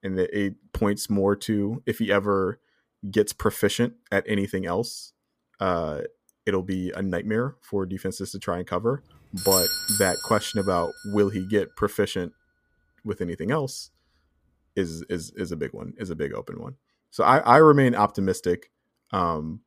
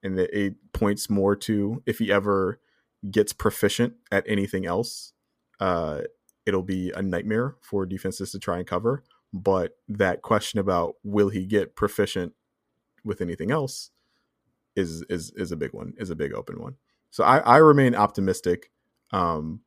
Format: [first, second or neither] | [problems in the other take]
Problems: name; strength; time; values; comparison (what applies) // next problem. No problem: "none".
second | doorbell; loud; from 9.5 to 11 s; peak 4 dB above the speech